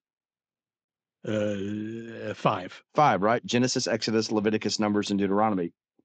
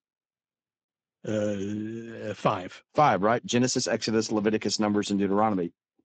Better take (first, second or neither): first